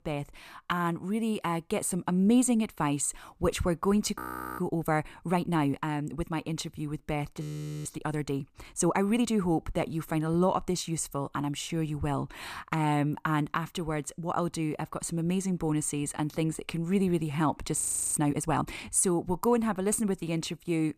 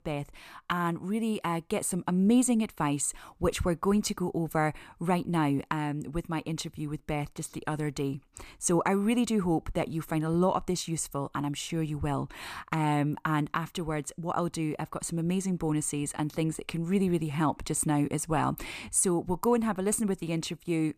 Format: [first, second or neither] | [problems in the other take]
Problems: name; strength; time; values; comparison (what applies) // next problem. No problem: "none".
second | audio freezing; at 4 s, at 7.5 s and at 18 s